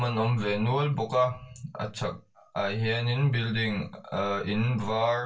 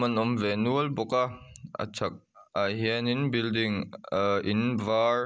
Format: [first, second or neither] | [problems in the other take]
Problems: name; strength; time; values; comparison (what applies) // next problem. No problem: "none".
second | room echo; dies away in 0.2 s